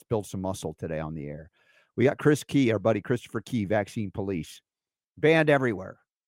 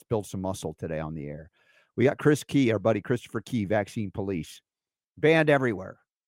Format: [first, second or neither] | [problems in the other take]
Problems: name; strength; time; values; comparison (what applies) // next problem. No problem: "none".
neither | none